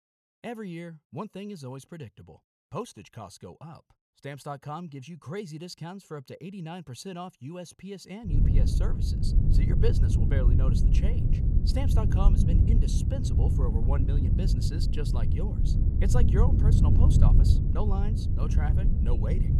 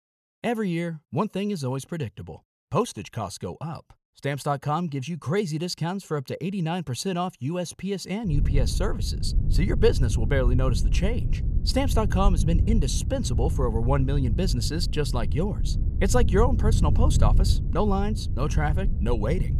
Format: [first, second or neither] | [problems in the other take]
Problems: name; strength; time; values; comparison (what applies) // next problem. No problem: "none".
second | wind noise on the microphone; heavy; from 8.5 s on; as loud as the speech; occasional gusts in the second